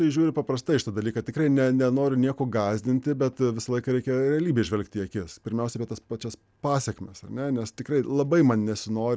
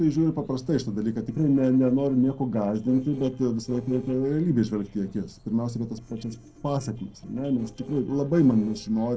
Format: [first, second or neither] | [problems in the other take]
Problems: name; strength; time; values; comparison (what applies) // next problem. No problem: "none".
first | noise reduction (neural separator model SepFormer DNS4)